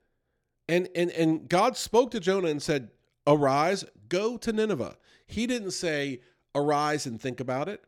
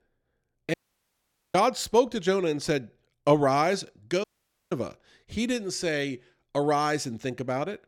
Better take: first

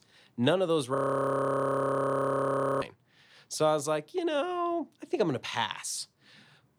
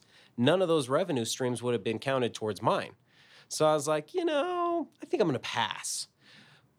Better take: second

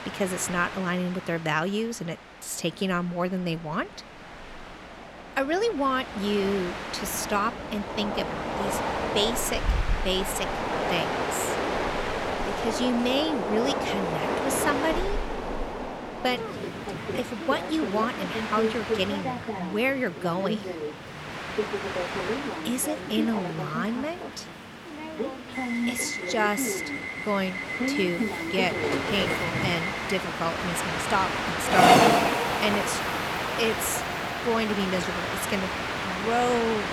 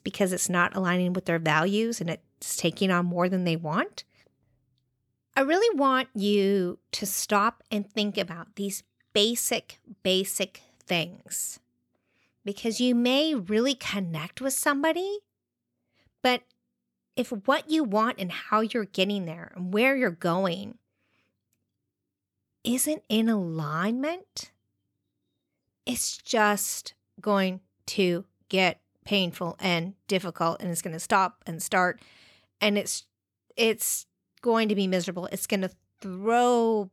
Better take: second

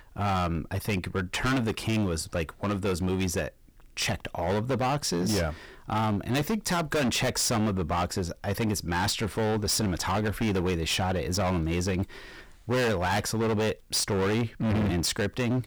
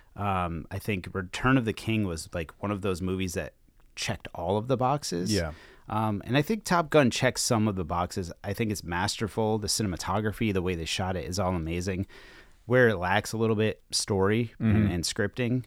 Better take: second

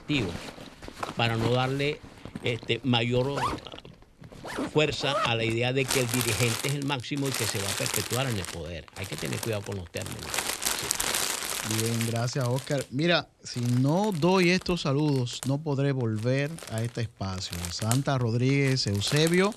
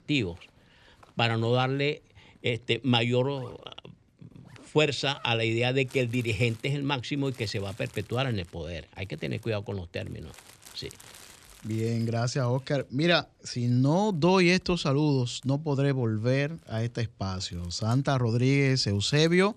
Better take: second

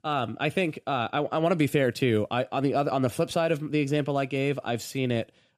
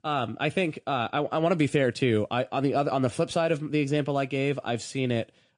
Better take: first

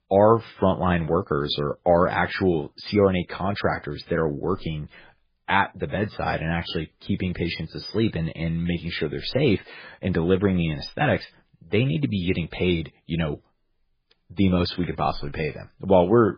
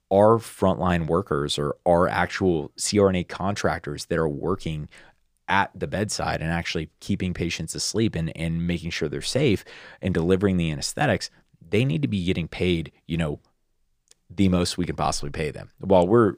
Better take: second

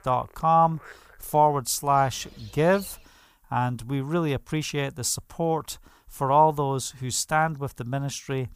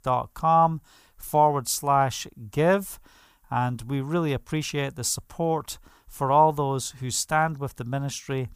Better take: second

